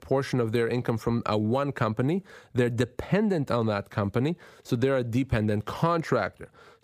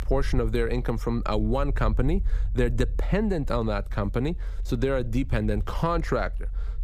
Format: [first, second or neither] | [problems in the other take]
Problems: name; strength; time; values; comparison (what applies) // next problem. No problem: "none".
first | low rumble; faint; throughout; 25 dB below the speech